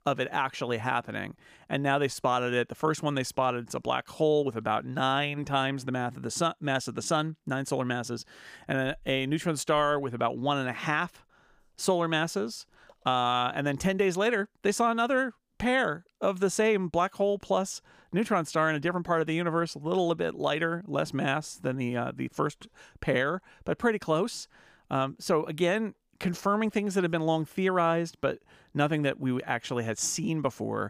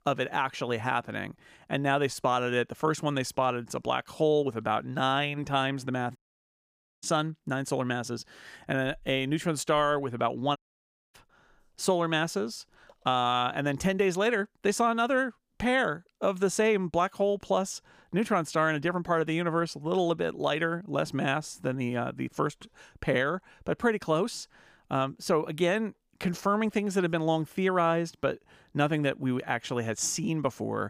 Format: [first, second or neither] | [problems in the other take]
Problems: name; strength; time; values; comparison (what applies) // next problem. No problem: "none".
first | audio cutting out; at 6 s for 1 s and at 11 s for 0.5 s